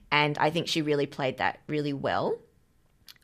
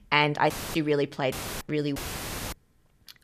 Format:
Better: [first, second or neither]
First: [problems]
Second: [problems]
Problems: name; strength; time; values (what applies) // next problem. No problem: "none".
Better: first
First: none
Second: audio cutting out; filled with static; at 0.5 s, at 1.5 s and at 2 s for 0.5 s